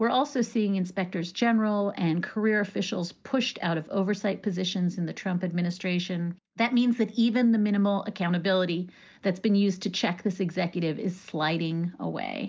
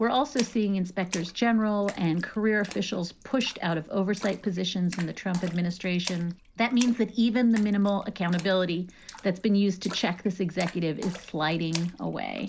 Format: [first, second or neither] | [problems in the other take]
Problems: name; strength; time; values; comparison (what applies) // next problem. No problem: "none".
first | background sound (Splash, splatter); 17 dB below the speech